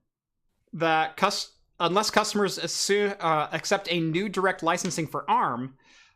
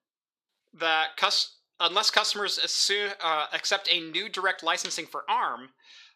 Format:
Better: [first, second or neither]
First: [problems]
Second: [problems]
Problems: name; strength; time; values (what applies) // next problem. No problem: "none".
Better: first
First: none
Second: thin; very; fading below 450 Hz